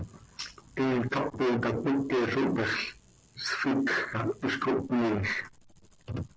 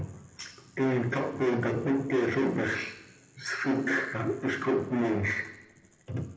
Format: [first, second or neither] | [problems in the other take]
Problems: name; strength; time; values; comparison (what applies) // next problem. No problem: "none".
first | room echo; dies away in 0.8 s